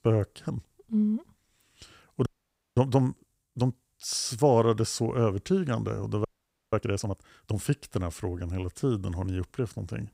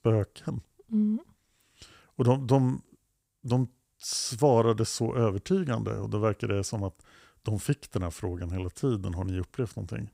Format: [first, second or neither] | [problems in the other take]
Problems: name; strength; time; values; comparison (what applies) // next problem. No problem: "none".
second | audio freezing; at 2.5 s for 0.5 s and at 6.5 s